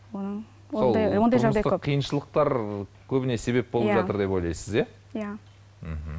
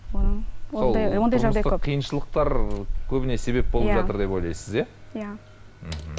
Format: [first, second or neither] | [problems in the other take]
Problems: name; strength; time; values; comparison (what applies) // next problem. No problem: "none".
first | background sound (Keys jangling); 1 dB above the speech